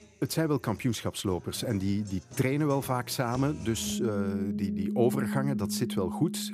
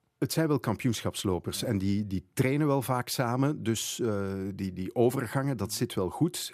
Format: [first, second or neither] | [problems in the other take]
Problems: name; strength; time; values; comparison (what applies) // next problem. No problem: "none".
second | background music; loud; throughout; 5 dB below the speech